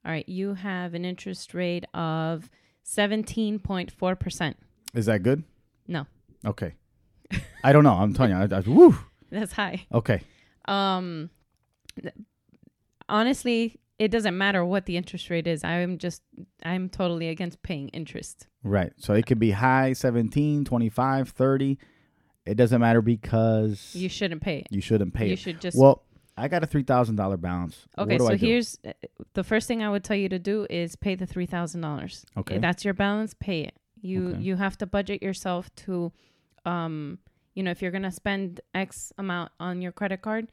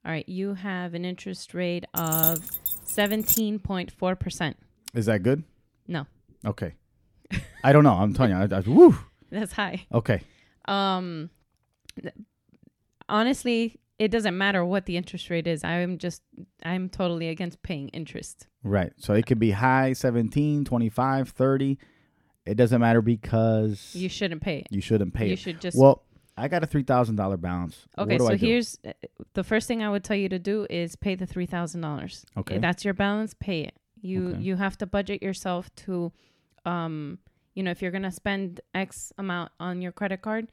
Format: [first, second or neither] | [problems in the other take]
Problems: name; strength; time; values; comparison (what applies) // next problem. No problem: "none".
first | jangling keys; loud; from 2 to 3.5 s; peak 4 dB above the speech